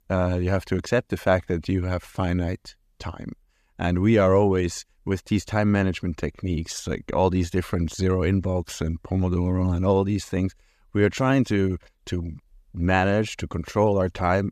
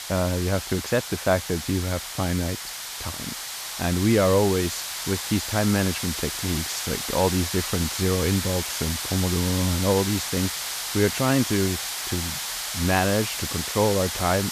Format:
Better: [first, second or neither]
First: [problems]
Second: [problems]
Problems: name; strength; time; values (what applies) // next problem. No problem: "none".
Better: first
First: none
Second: hiss; loud; throughout; 4 dB below the speech